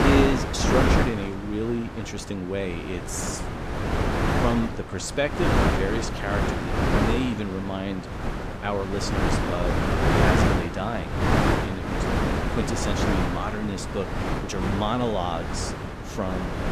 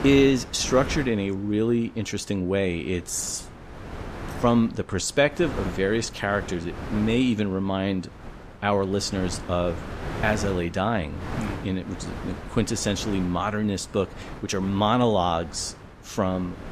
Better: second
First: wind noise on the microphone; heavy; 3 dB above the speech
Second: wind noise on the microphone; occasional gusts; 15 dB below the speech

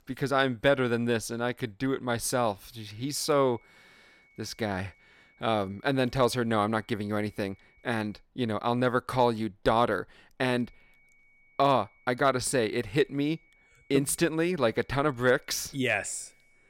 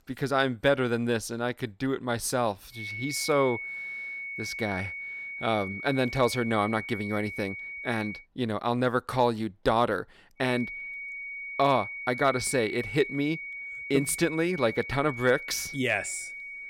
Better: first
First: high-pitched whine; faint; from 3 to 8 s and from 10 s on; 2 kHz, 35 dB below the speech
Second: high-pitched whine; loud; from 3 to 8 s and from 10 s on; 2 kHz, 8 dB below the speech

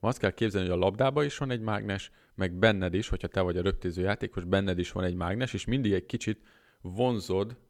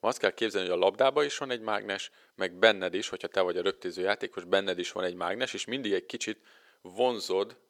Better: first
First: none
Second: thin; somewhat; fading below 450 Hz

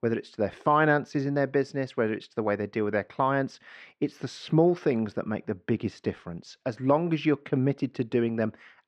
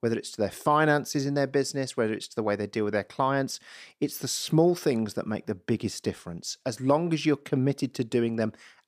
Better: second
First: muffled; slightly; fading above 2.5 kHz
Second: none

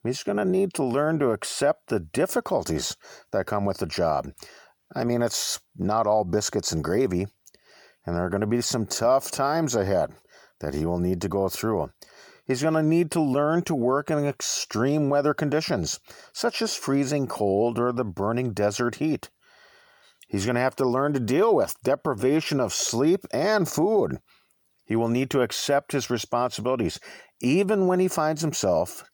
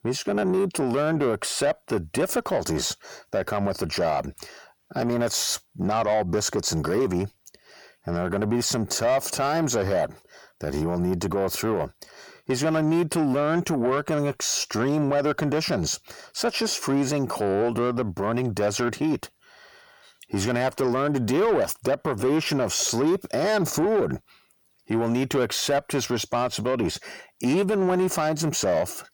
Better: first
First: none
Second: distortion; slight; 10 dB below the speech

